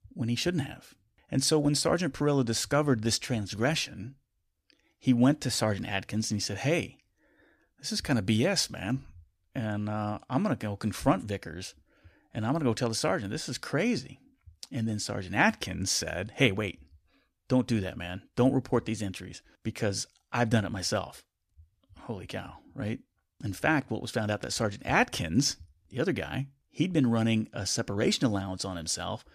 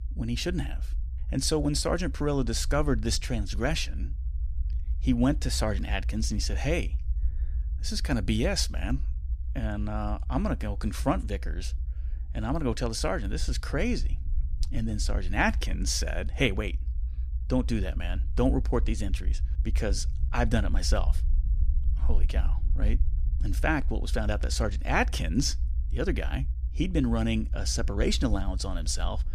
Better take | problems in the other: first | low rumble; faint; throughout; 20 dB below the speech

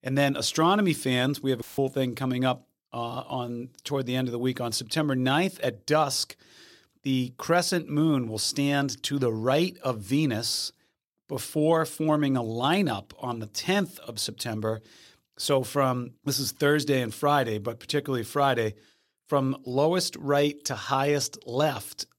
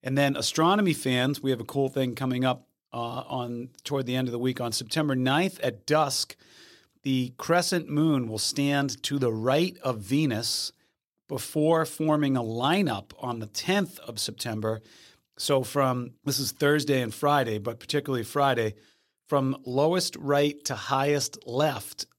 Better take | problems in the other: second | audio cutting out; filled with static; at 1.5 s

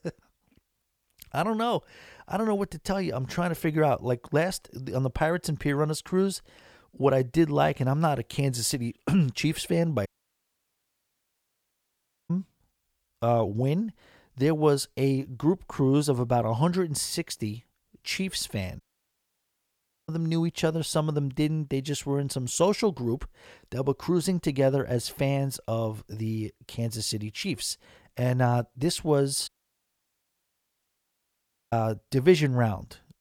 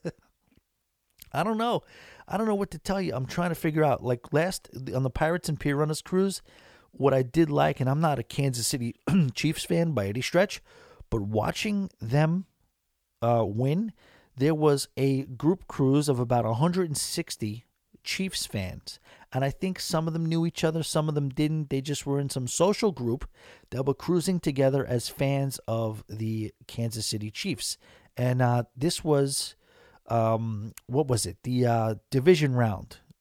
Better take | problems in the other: second | audio cutting out; at 10 s for 2 s, at 19 s for 1.5 s and at 29 s for 2 s

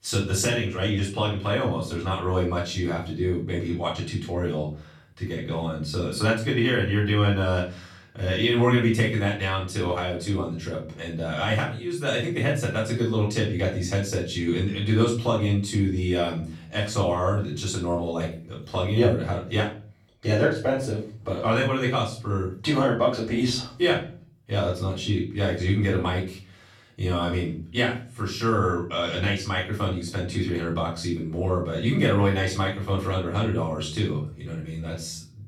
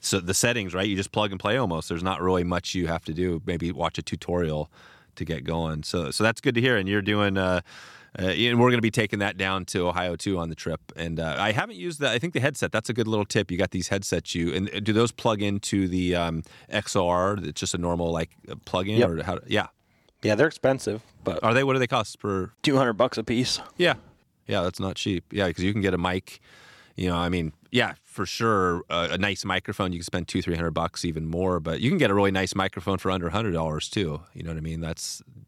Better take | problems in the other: second | off-mic speech; far // room echo; slight; dies away in 0.4 s

